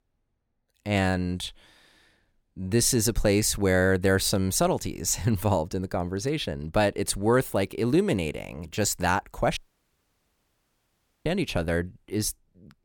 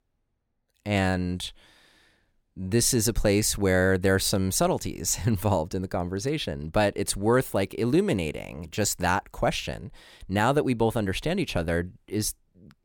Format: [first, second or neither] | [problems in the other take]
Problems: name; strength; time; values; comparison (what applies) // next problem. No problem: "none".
second | audio cutting out; at 9.5 s for 1.5 s